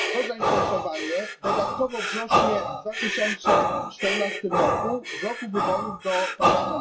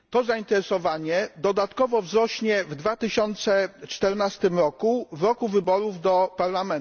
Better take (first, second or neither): second